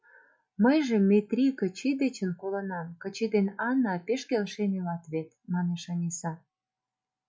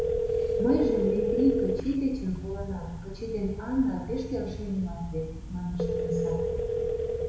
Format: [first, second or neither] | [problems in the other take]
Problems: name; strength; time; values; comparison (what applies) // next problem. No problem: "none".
first | background sound (Telephone); as loud as the speech // room echo; dies away in 1 s